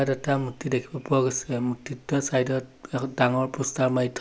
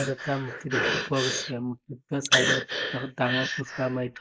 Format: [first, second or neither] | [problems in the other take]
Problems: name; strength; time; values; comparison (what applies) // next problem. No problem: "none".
first | noise reduction (neural mask model Resemble Enhance denoiser)